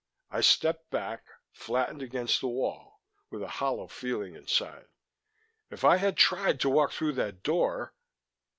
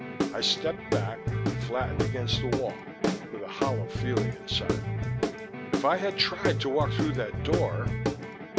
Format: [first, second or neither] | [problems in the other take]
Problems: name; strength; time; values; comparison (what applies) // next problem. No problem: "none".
first | background sound (Guitar / Drum); 2 dB above the speech